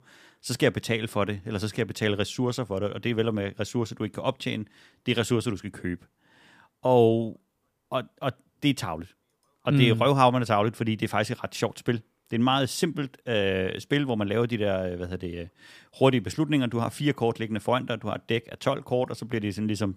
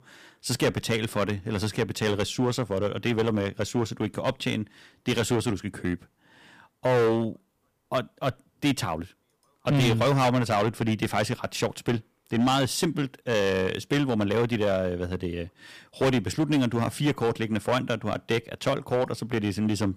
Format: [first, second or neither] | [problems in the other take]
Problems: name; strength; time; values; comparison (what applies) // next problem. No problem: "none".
first | distortion; heavy; 7% of the sound clipped